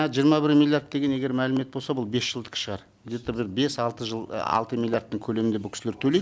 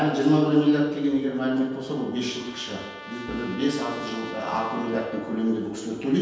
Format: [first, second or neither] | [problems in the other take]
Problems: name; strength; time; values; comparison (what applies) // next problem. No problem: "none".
first | background sound (Trumpet); 18 dB below the speech // room echo; dies away in 1.2 s